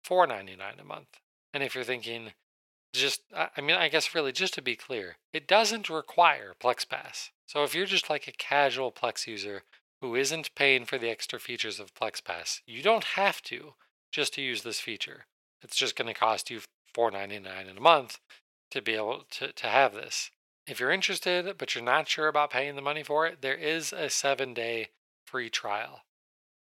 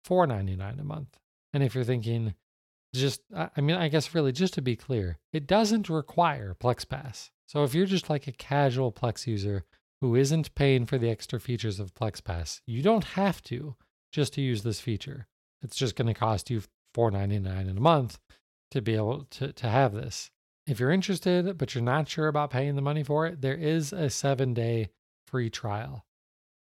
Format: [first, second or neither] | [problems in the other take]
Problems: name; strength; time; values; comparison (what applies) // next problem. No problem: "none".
second | thin; very; fading below 600 Hz